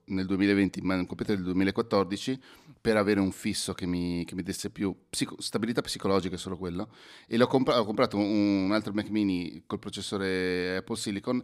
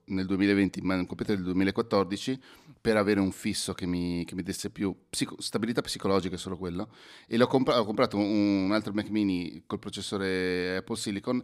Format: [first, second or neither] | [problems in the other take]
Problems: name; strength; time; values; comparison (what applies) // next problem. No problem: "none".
neither | none